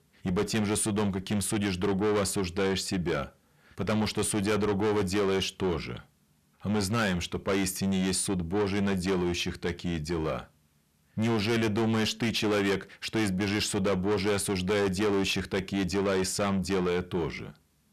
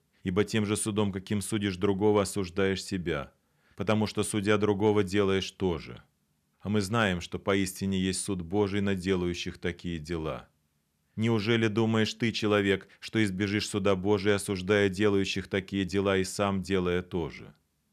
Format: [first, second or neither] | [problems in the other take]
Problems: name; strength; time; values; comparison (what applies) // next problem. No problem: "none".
second | distortion; heavy; 6 dB below the speech